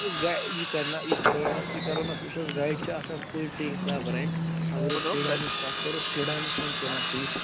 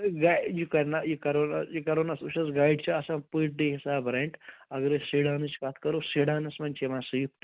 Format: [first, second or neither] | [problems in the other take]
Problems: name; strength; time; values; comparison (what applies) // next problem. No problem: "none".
second | background sound (Tools); 2 dB above the speech